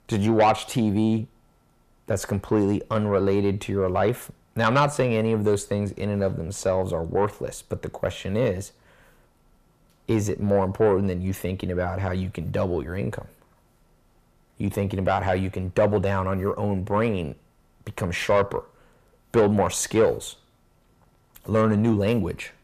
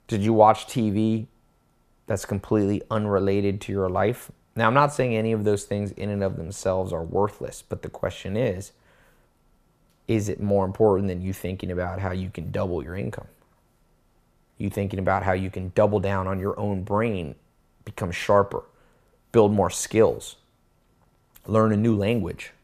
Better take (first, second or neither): second